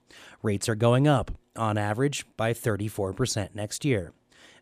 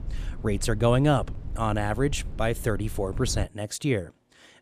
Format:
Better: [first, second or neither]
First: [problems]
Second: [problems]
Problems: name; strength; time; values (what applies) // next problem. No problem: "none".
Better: first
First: none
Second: low rumble; faint; until 3.5 s; 20 dB below the speech